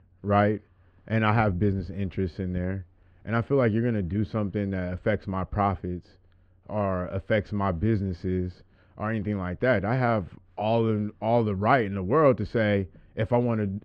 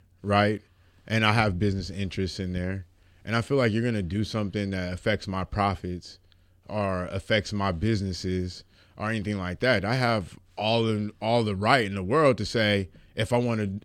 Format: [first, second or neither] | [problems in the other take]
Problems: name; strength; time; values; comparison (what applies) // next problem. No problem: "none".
second | muffled; very; fading above 3.5 kHz